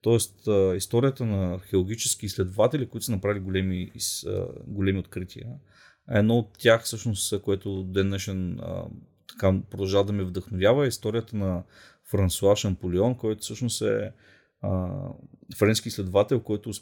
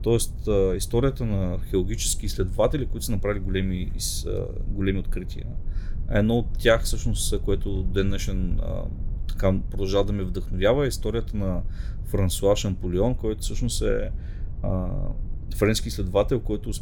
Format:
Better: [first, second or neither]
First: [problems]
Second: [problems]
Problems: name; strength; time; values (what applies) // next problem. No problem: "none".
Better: first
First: none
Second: low rumble; faint; throughout; 25 dB below the speech